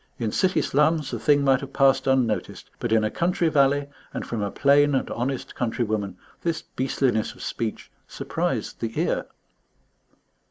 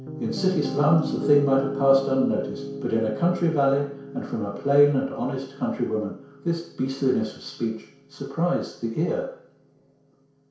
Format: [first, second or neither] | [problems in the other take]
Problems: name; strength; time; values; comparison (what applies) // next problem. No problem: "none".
first | background sound (Piano); 10 dB below the speech // room echo; dies away in 0.6 s